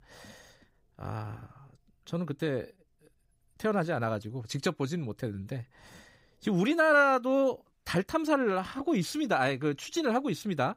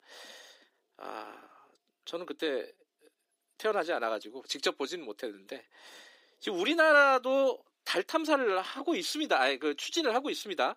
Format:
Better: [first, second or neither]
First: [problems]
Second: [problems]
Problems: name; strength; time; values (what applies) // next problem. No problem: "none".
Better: first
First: none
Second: thin; somewhat; fading below 300 Hz